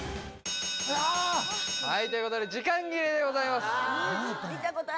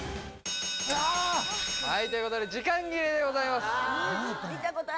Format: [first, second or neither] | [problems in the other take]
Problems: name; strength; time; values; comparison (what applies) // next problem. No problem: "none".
first | background sound (Engine / Car); 18 dB below the speech